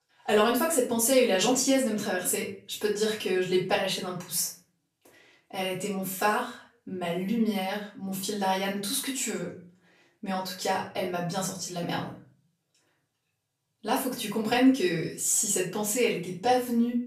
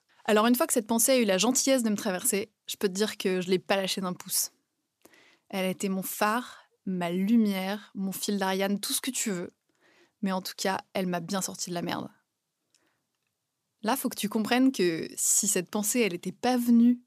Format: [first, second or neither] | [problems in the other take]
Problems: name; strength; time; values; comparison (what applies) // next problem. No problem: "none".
second | room echo; slight; dies away in 0.4 s // off-mic speech; far